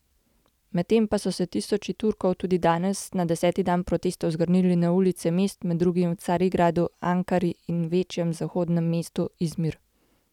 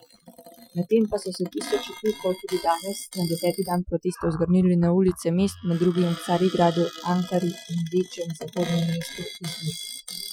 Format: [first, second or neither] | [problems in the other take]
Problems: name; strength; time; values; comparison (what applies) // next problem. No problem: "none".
first | noise reduction (classical method Wiener filter)